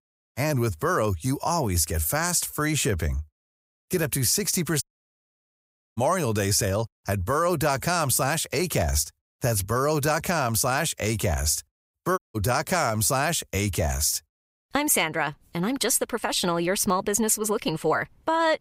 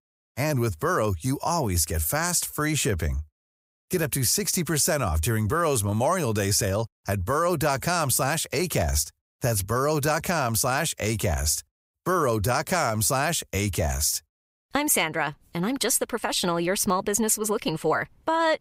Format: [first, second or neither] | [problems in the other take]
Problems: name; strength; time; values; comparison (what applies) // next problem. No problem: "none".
second | audio cutting out; at 5 s for 1 s and at 12 s